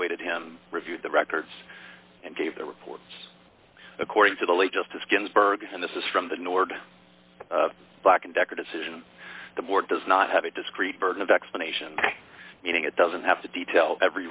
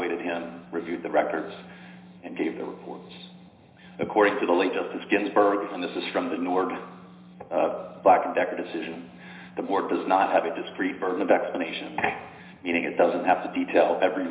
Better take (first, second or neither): first